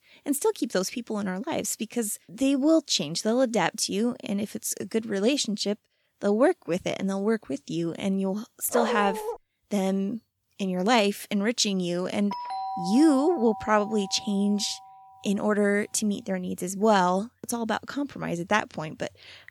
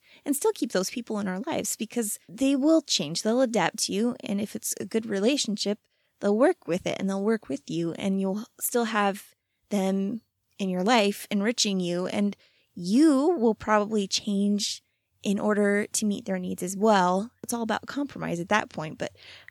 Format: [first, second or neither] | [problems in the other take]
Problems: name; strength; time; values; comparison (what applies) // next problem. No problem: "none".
second | dog barking; noticeable; at 8.5 s; peak 2 dB below the speech // doorbell; noticeable; from 12 to 15 s; peak 6 dB below the speech